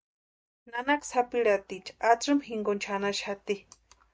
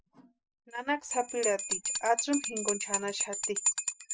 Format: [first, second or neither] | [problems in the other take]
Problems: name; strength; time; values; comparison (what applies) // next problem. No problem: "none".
first | noise reduction (classical method spectral subtraction)